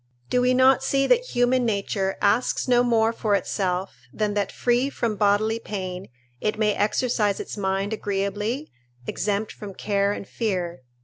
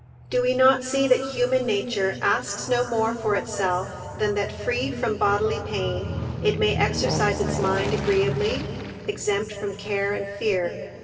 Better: first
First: none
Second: background sound (Aircraft); 8 dB below the speech // room echo; dies away in 2.8 s

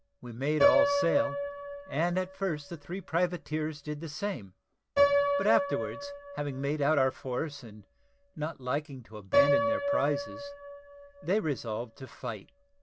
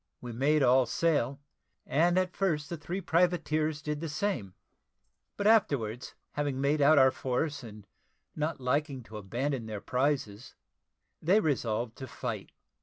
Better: second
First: background sound (Piano); as loud as the speech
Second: none

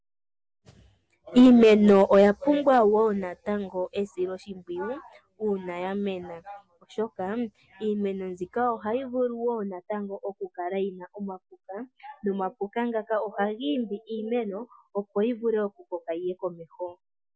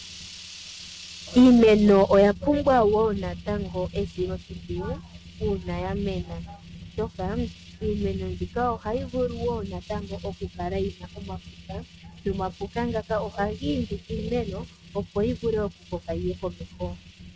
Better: first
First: none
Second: noise reduction (neural mask model RNNoise)

